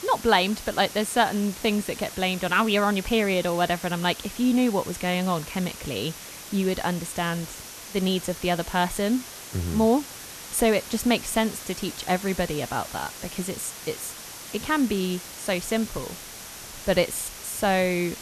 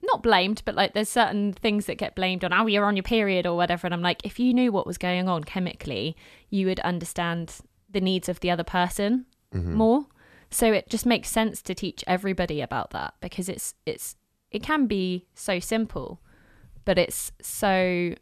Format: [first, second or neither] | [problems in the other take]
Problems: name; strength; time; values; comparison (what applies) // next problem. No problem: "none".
second | hiss; noticeable; throughout; 10 dB below the speech